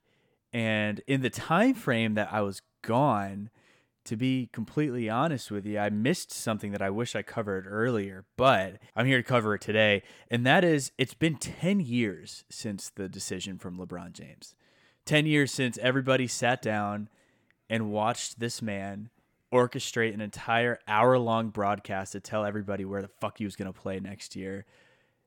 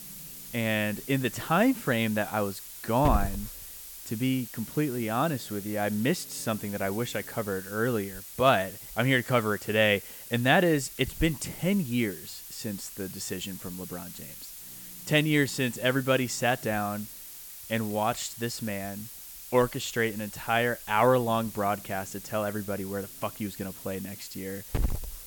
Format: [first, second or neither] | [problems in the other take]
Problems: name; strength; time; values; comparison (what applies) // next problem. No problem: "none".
first | hiss; noticeable; throughout; 10 dB below the speech